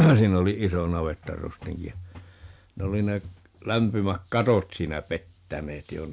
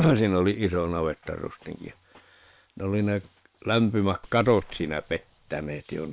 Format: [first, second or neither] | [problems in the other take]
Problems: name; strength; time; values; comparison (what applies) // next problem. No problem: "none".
first | noise reduction (neural separator model SepFormer WHAM!)